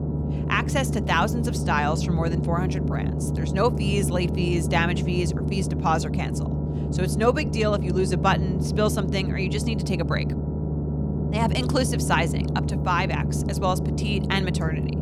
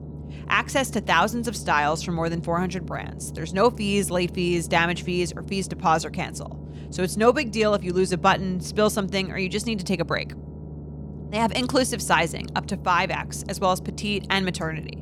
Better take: second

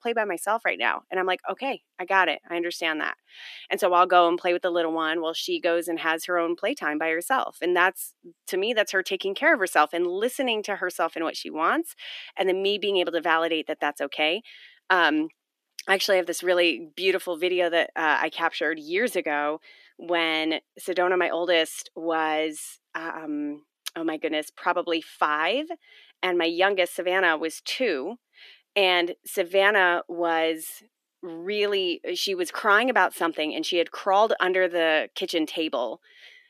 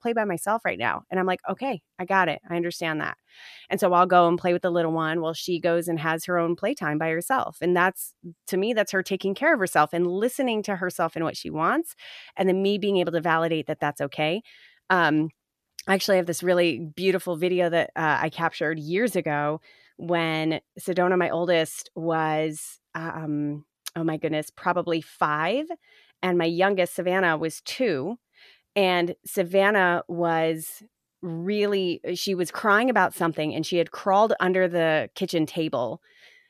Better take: second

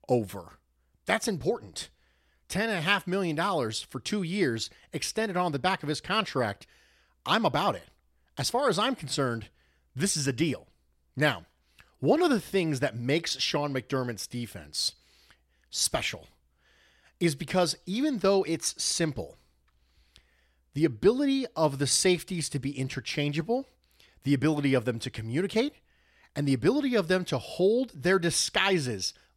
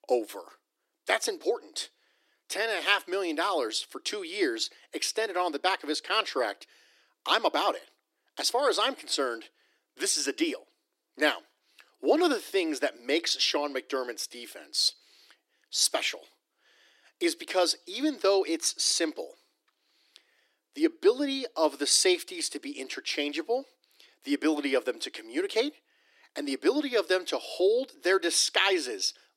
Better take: first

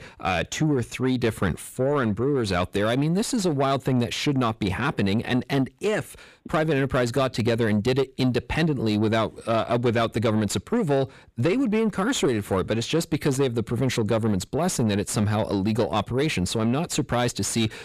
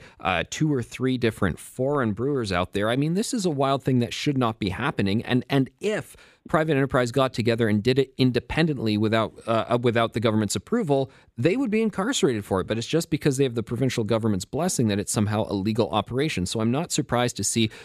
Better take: second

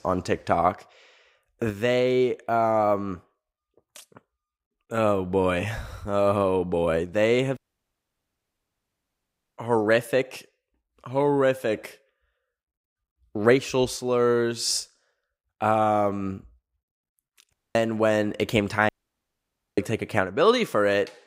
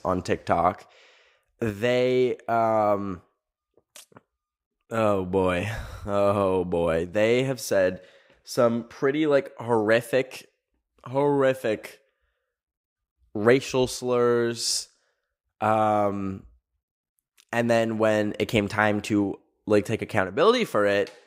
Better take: second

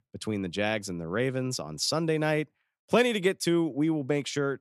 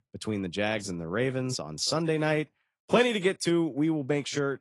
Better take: first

